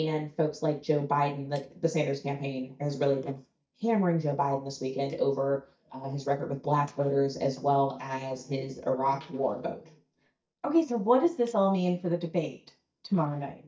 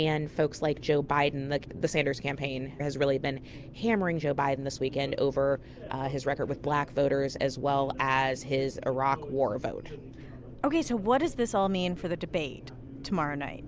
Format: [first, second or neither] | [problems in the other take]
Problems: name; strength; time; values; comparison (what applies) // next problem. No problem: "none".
second | noise reduction (neural mask model DeepFilterNet 3)